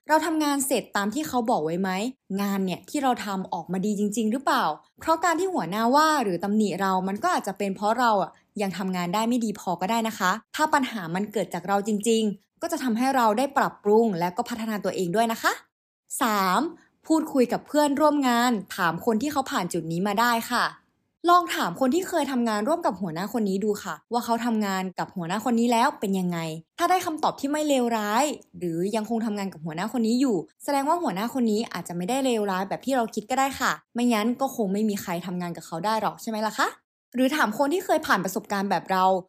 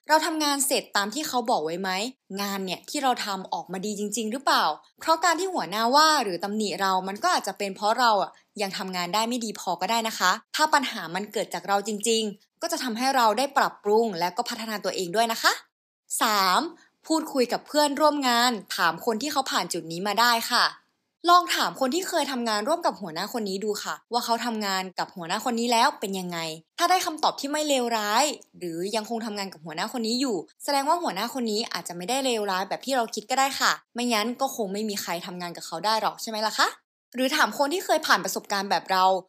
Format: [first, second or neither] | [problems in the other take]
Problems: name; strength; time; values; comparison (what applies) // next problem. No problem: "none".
first | thin; very slightly; fading below 500 Hz